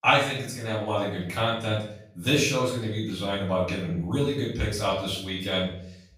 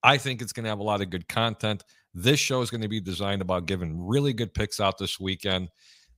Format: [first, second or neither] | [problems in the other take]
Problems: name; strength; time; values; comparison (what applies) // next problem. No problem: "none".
second | off-mic speech; far // room echo; noticeable; dies away in 0.5 s